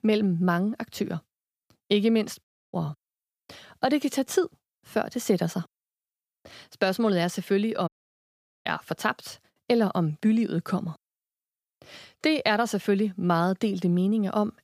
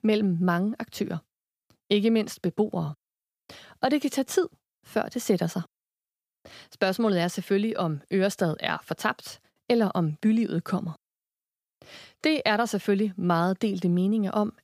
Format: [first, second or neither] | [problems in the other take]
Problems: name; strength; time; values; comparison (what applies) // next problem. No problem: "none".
second | audio cutting out; at 2.5 s and at 8 s for 1 s